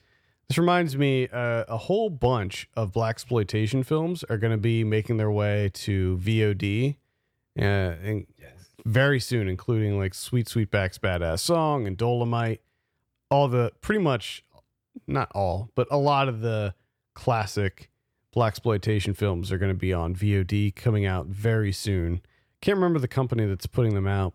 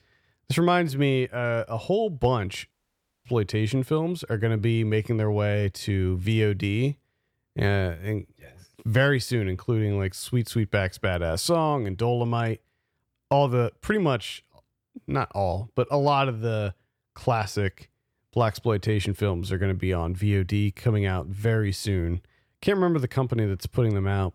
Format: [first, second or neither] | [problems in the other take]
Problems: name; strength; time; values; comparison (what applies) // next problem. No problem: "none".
first | audio cutting out; at 2.5 s for 0.5 s